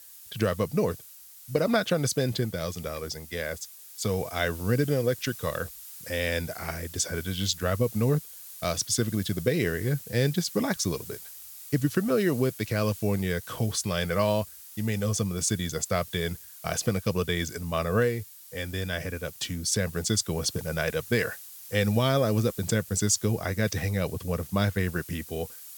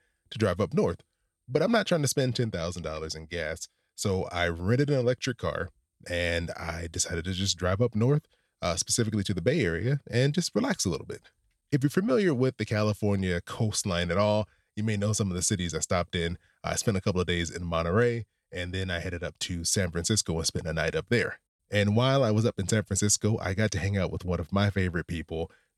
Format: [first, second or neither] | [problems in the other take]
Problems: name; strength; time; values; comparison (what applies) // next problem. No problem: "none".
second | hiss; noticeable; throughout; 15 dB below the speech